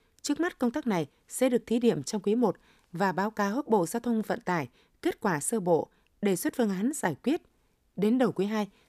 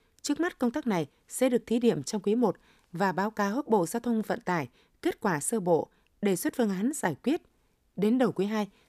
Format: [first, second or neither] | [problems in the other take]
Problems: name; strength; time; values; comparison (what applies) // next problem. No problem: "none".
neither | none